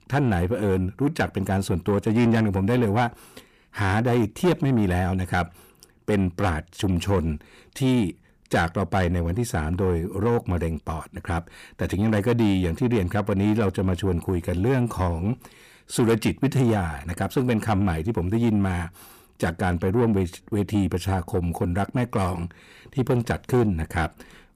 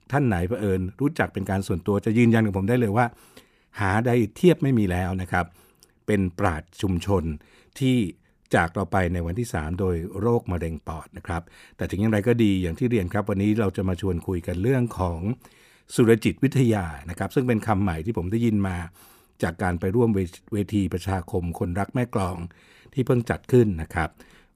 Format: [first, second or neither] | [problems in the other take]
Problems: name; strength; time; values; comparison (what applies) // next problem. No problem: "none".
second | distortion; slight; 10 dB below the speech